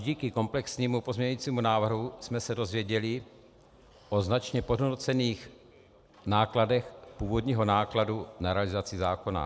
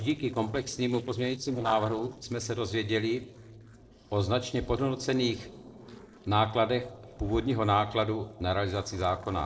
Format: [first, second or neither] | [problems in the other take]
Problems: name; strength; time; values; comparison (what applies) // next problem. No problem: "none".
first | noise reduction (neural separator model SepFormer DNS4)